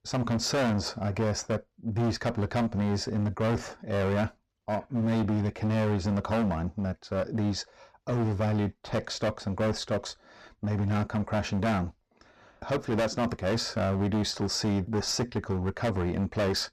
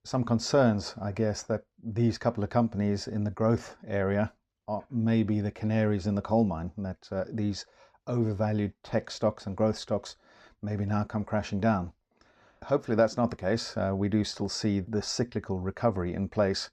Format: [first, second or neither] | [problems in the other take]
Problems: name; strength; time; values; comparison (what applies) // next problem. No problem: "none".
second | distortion; heavy; 20% of the sound clipped